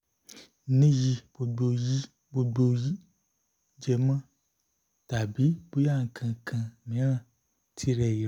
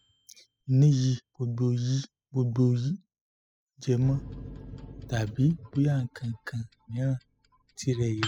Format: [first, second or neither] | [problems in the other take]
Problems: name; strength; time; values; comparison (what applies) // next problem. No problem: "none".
first | noise reduction (classical method spectral subtraction)